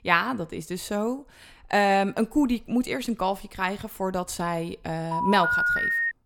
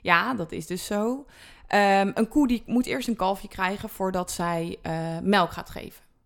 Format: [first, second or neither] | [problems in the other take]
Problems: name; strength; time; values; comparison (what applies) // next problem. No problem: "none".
second | phone ringing; loud; from 5 s on; peak 4 dB above the speech